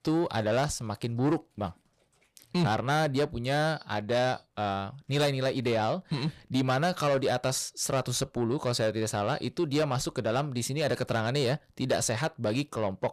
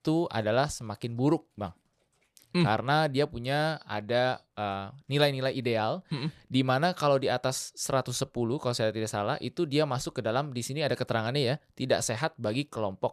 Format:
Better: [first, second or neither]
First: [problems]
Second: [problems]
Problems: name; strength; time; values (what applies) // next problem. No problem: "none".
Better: second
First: distortion; slight; 10 dB below the speech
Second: none